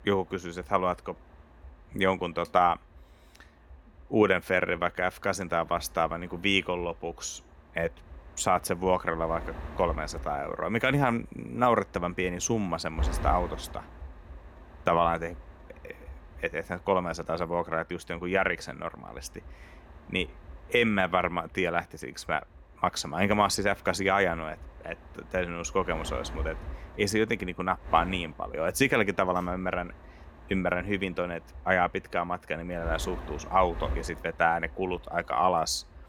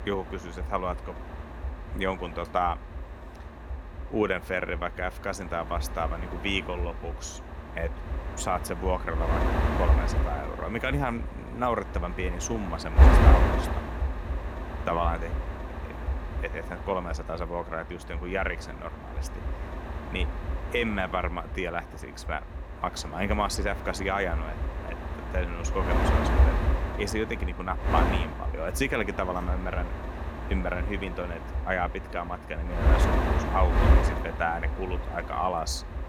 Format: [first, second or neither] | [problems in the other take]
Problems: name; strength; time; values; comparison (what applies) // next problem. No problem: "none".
first | wind noise on the microphone; heavy; 4 dB below the speech; occasional gusts in the first